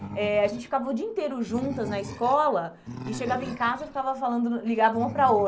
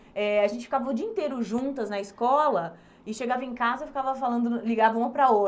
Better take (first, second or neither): second